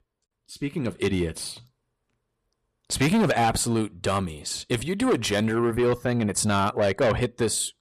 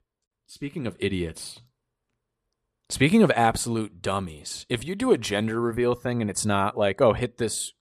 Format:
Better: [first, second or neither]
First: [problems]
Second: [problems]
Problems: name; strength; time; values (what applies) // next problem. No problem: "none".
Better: second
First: distortion; heavy; 7 dB below the speech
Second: none